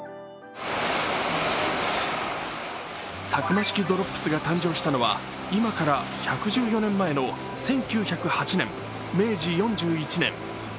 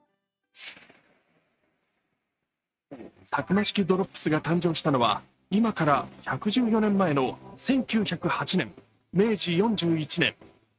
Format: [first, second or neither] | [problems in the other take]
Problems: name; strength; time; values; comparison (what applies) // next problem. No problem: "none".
first | noise reduction (neural mask model RNNoise)